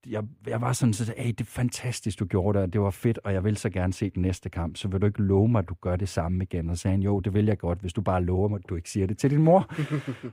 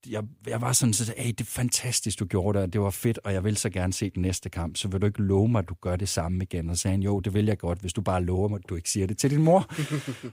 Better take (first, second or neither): second